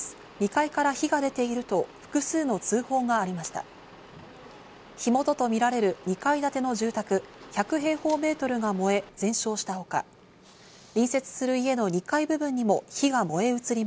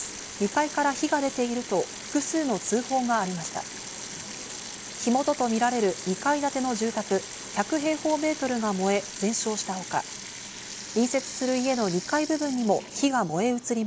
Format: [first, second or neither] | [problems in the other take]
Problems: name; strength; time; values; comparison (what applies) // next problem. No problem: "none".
first | background sound (Sink (filling or washing) / Water tap, faucet); 12 dB below the speech